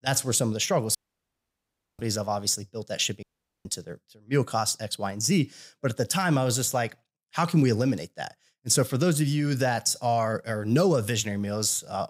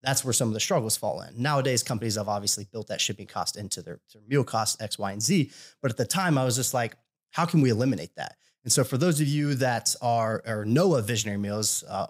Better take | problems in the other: second | audio cutting out; at 1 s for 1 s and at 3 s

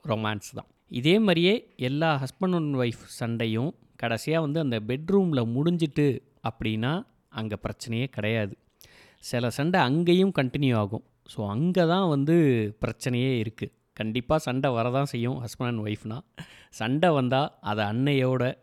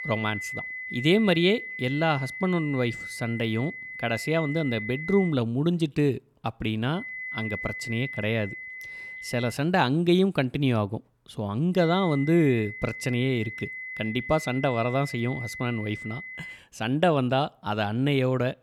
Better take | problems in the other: first | high-pitched whine; loud; until 5.5 s, from 7 to 9.5 s and from 12 to 17 s; 2 kHz, 9 dB below the speech

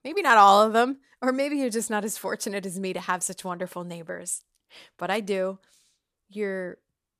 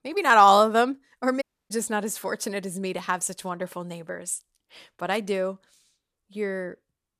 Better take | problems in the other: first | audio cutting out; at 1.5 s

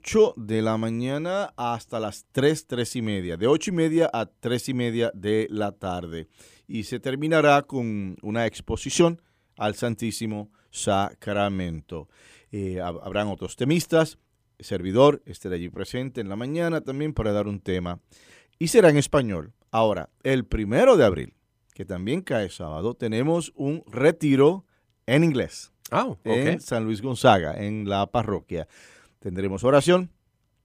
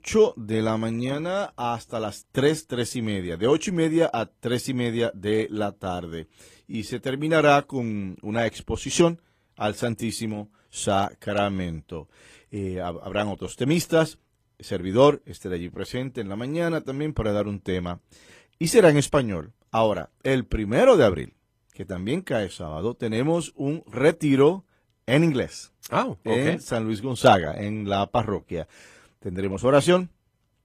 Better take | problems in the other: first | garbled, watery; slightly; nothing above 14 kHz

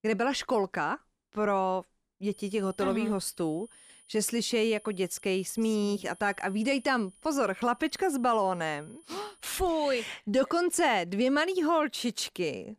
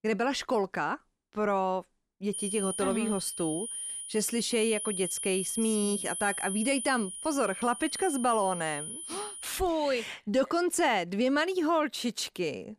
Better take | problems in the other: first | high-pitched whine; loud; from 2.5 to 9.5 s; 10 kHz, 5 dB below the speech; faint in the first

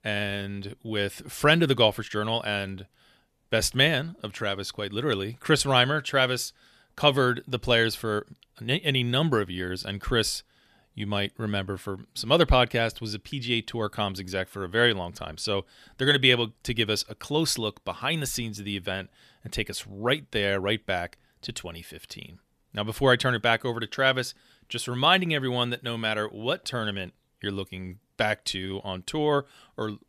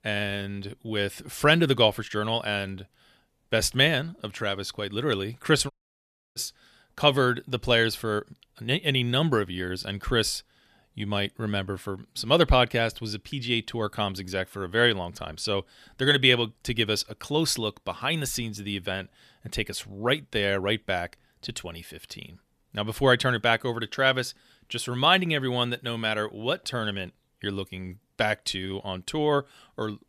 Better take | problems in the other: first | audio cutting out; at 5.5 s for 0.5 s

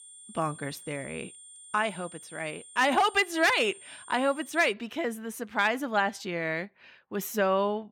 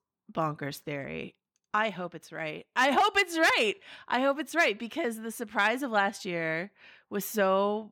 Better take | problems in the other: second | high-pitched whine; noticeable; until 4.5 s; 9 kHz, 20 dB below the speech

